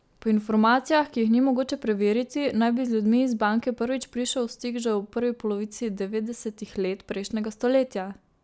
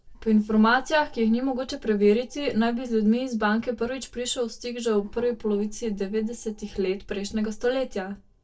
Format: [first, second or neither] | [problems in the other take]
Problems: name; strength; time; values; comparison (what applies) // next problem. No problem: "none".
first | noise reduction (neural separator model SepFormer DNS4)